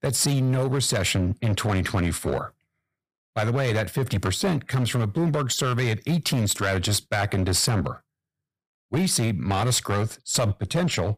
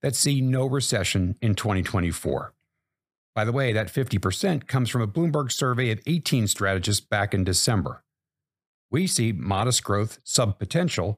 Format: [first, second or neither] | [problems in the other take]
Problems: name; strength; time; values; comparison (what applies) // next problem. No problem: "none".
second | distortion; slight; 12% of the sound clipped